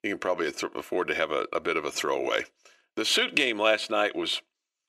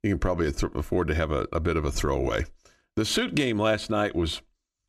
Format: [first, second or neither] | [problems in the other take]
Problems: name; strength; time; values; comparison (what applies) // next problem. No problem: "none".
second | thin; somewhat; fading below 450 Hz